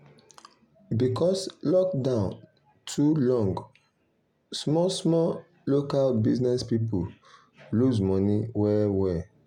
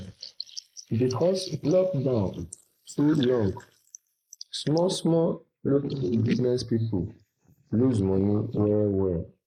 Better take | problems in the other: first | noise reduction (neural mask model Resemble Enhance denoiser)

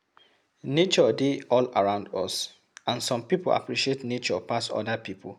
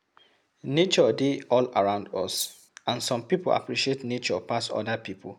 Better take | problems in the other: first | background sound (Rattle (instrument)); 10 dB below the speech

